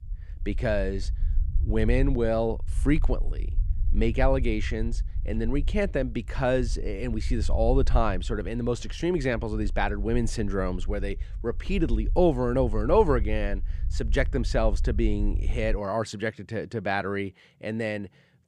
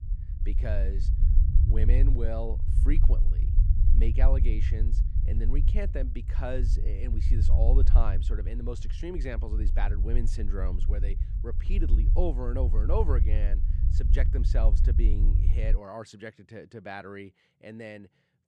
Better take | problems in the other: first | low rumble; loud; until 16 s; 8 dB below the speech; faint in the first

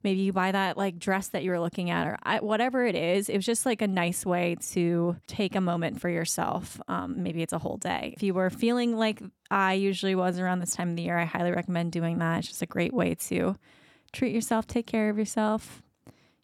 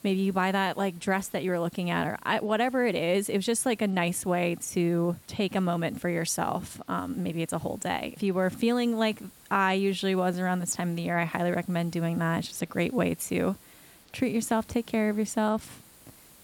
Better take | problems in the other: first | hiss; faint; throughout; 25 dB below the speech

